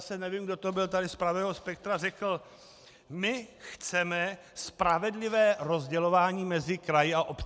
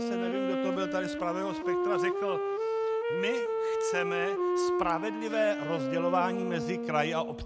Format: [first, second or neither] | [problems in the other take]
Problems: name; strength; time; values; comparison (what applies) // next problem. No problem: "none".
first | background sound (Wind instrument, woodwind instrument); 2 dB above the speech